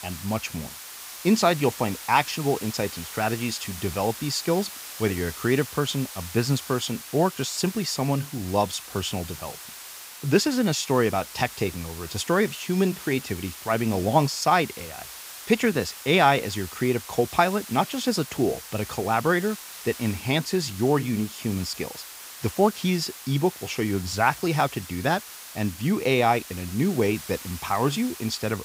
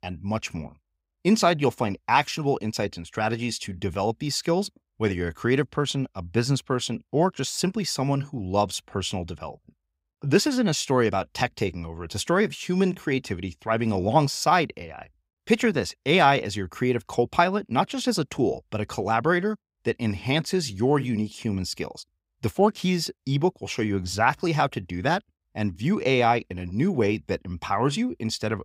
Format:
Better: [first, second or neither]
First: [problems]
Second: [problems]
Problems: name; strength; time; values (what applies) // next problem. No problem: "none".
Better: second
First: hiss; noticeable; throughout; 10 dB below the speech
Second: none